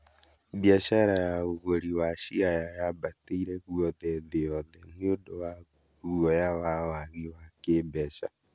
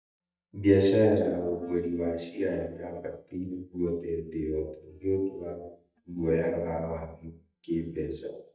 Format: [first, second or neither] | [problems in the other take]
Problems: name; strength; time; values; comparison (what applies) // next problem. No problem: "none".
first | noise reduction (neural mask model DeepFilterNet 3)